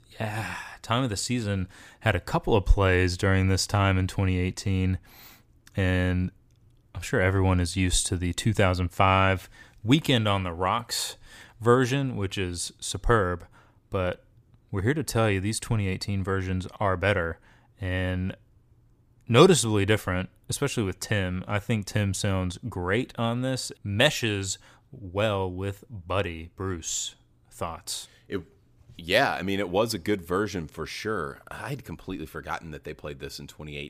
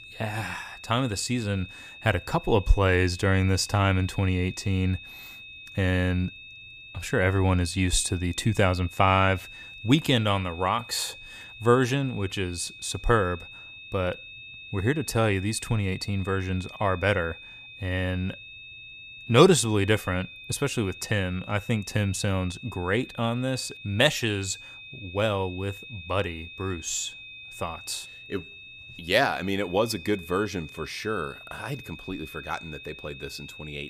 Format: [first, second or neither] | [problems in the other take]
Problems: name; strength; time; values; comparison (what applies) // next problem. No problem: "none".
first | high-pitched whine; noticeable; throughout; 2.5 kHz, 15 dB below the speech